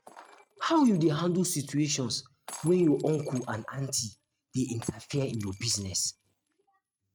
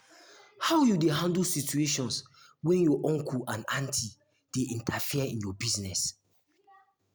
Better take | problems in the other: second | noise reduction (neural mask model RNNoise)

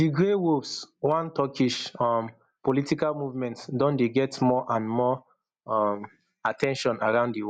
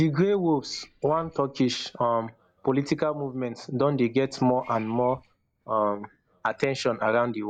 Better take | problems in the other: first | noise reduction (neural mask model DeepFilterNet 3)

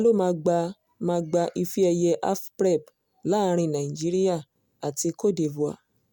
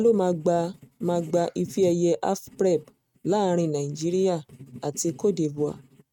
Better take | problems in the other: first | noise reduction (neural mask model RNNoise)

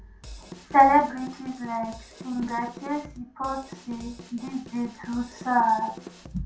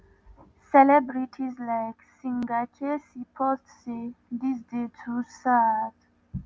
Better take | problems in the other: second | background sound (Drum kit); 17 dB below the speech // room echo; dies away in 0.3 s

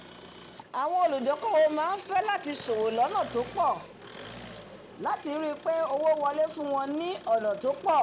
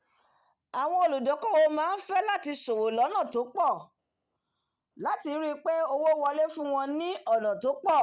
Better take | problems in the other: second | background sound (Camera + Engine); 17 dB below the speech

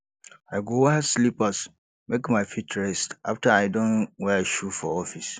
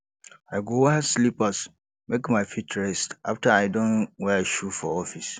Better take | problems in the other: second | noise reduction (neural mask model Resemble Enhance denoiser)

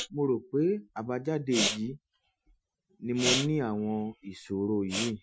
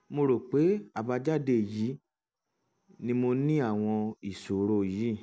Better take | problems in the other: second | noise reduction (classical method Wiener filter)

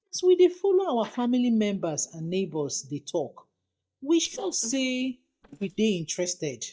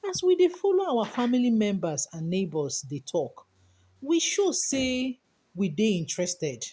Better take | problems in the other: second | noise reduction (neural mask model DeepFilterNet 3)

